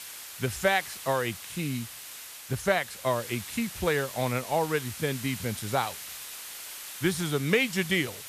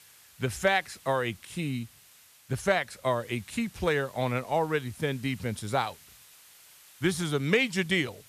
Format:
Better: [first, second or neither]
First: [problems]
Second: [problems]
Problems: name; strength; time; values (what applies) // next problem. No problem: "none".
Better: second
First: hiss; loud; throughout; 10 dB below the speech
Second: hiss; faint; throughout; 25 dB below the speech